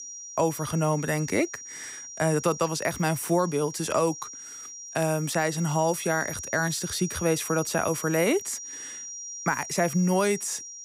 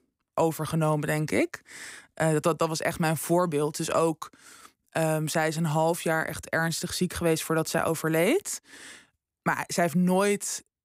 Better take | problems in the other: second | high-pitched whine; noticeable; throughout; 5.5 kHz, 10 dB below the speech

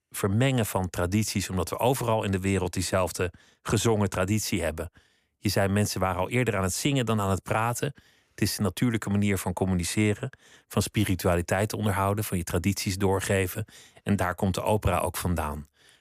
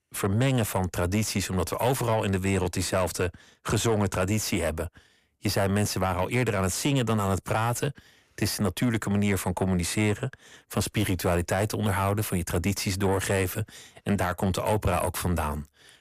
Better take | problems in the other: first | distortion; slight; 10 dB below the speech

